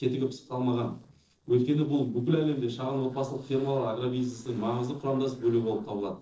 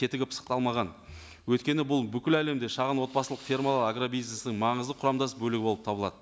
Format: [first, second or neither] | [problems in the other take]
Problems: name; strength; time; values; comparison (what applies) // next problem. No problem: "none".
second | noise reduction (neural separator model SepFormer DNS4)